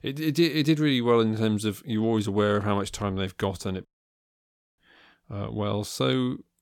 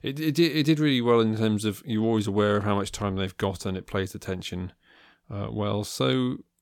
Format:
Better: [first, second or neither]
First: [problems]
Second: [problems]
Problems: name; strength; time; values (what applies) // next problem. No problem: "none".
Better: second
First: audio cutting out; at 4 s for 1 s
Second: none